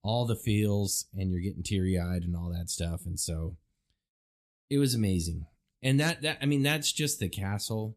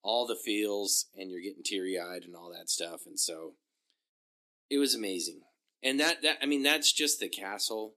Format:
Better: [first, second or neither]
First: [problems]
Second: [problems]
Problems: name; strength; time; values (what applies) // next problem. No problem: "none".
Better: first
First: none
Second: thin; somewhat; fading below 300 Hz